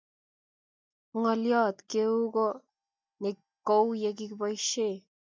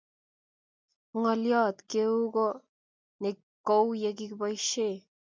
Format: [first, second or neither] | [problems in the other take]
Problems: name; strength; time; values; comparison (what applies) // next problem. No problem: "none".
second | noise reduction (neural mask model DeepFilterNet 3)